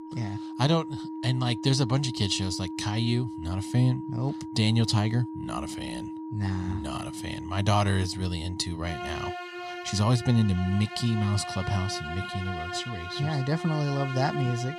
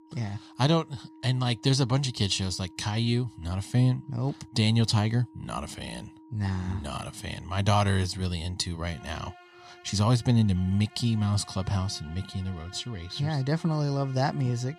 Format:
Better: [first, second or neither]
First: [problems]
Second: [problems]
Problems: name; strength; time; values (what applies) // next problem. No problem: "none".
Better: second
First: background music; loud; throughout; 9 dB below the speech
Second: background music; faint; throughout; 25 dB below the speech